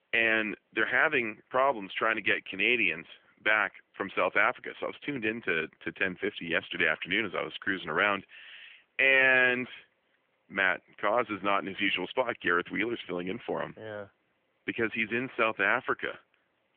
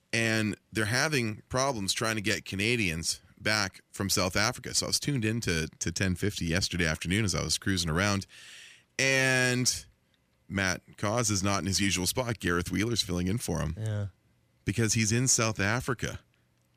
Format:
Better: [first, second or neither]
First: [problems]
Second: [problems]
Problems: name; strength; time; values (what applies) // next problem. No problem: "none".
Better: second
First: phone-call audio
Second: none